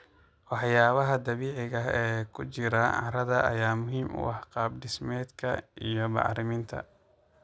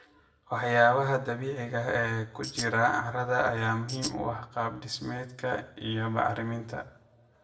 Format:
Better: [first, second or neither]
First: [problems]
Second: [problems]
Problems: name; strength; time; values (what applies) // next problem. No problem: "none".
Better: first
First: none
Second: background sound (Tambourine); 7 dB below the speech // room echo; dies away in 0.6 s